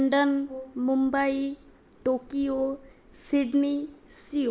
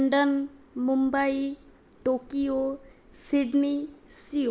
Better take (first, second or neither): second